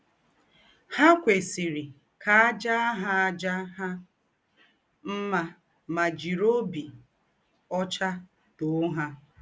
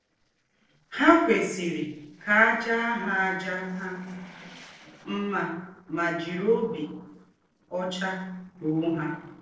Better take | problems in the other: first | noise reduction (neural separator model SepFormer DNS4)

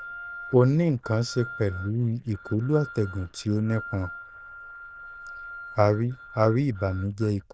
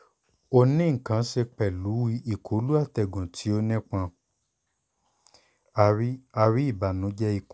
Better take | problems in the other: second | noise reduction (neural diffusion model UNIVERSE++)

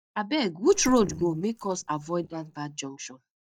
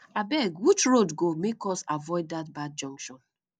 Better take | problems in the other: second | noise reduction (neural mask model DeepFilterNet 3)

